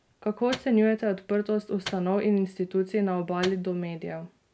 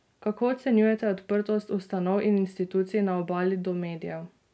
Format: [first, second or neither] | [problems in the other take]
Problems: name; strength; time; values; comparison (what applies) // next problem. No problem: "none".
second | background sound (Microwave oven); 17 dB below the speech